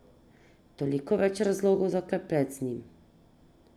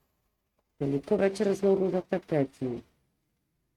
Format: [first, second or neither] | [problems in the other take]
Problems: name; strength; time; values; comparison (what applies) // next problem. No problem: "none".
first | noise reduction (neural mask model RNNoise)